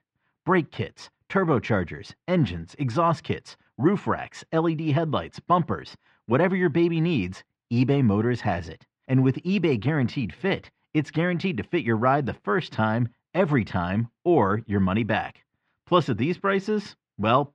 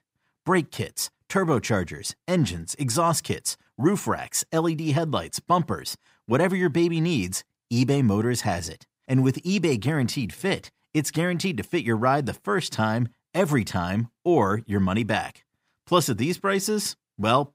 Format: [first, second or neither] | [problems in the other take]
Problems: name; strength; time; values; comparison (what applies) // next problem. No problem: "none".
second | muffled; very; fading above 3 kHz